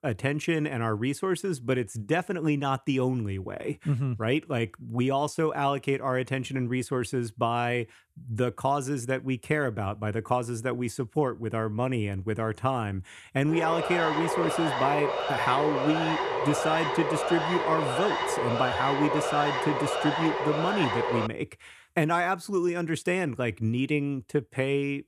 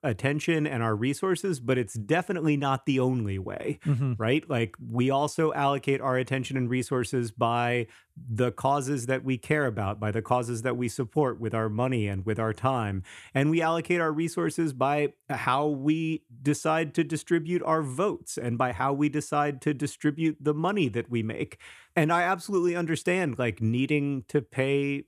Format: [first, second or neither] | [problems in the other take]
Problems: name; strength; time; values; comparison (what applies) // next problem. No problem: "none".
second | siren; loud; from 13 to 21 s; peak 1 dB above the speech